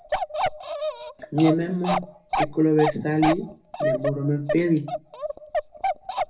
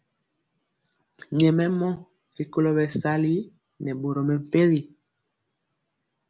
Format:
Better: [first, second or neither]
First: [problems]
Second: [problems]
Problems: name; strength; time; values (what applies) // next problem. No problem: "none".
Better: second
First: background sound (Bark); 3 dB below the speech // room echo; dies away in 0.3 s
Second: none